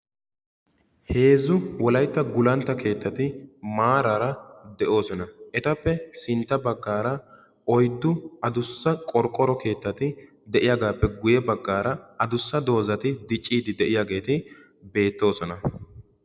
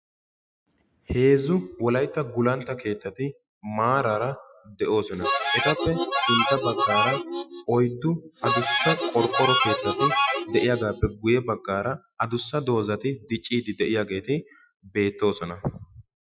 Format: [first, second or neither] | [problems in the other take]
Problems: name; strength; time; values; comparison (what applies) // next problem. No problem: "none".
first | noise reduction (classical method Wiener filter)